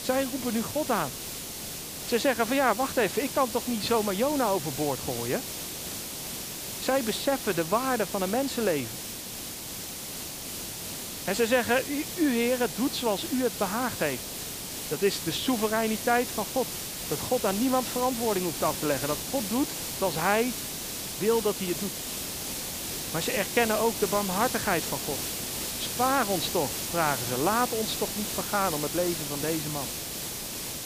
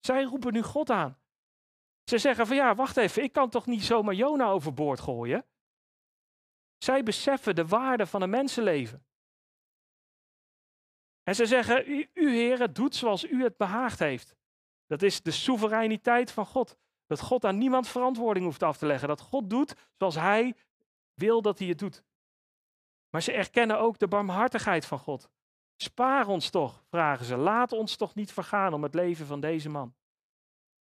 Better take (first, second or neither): second